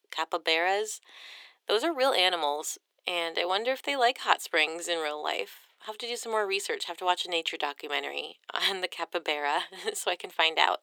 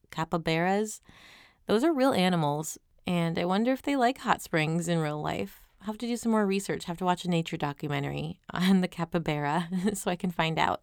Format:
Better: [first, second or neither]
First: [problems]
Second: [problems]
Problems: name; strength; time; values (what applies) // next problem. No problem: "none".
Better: second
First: thin; very; fading below 400 Hz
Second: none